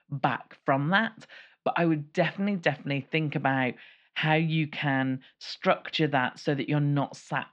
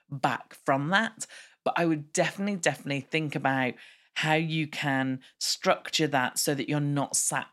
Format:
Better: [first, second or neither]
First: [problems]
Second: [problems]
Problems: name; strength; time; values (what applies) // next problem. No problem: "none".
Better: second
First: muffled; slightly; fading above 3.5 kHz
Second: none